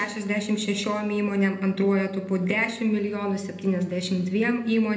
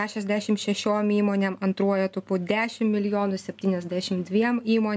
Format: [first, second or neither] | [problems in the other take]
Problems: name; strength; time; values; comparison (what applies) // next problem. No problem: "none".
second | room echo; dies away in 0.7 s